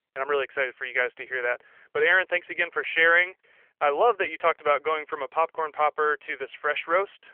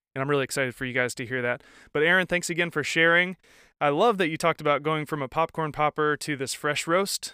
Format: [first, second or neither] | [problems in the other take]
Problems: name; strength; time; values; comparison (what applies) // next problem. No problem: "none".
second | phone-call audio; nothing above 3 kHz